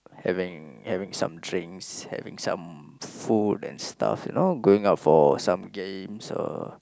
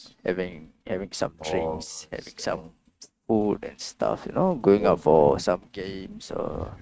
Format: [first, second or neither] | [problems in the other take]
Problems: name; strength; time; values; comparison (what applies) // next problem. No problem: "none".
first | noise reduction (neural mask model RNNoise)